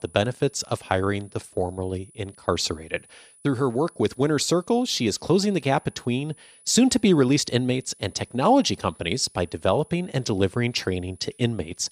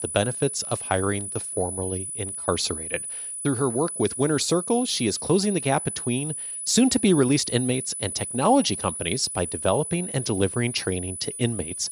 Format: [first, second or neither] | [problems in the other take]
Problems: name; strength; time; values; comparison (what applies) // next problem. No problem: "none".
first | high-pitched whine; loud; throughout; 10 kHz, 6 dB below the speech; faint in the first